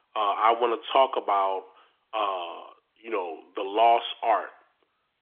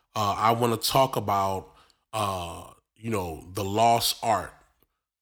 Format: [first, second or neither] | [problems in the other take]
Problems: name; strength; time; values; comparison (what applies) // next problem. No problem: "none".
second | phone-call audio; nothing above 3.5 kHz